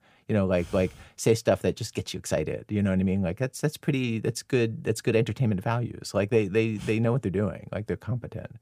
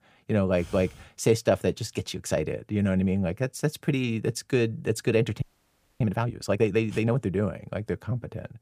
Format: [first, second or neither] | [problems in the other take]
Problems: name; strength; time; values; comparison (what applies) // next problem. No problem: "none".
first | audio freezing; at 5.5 s for 0.5 s